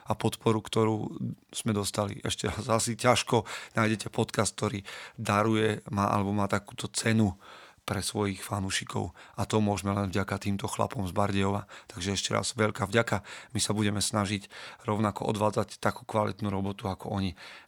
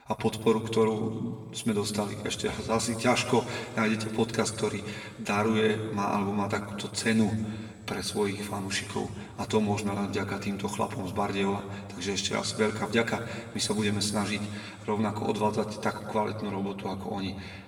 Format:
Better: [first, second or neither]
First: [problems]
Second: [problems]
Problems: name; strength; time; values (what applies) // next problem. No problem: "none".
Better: first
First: none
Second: room echo; noticeable; dies away in 1.5 s // off-mic speech; far